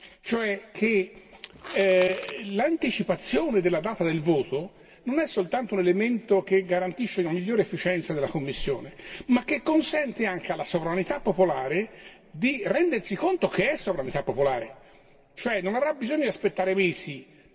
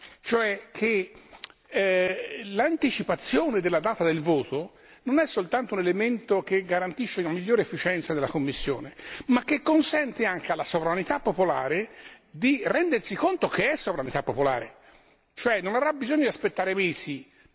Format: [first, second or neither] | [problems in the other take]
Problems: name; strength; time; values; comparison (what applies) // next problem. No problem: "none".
second | background sound (Crushing / Wood); 15 dB below the speech // room echo; dies away in 2.3 s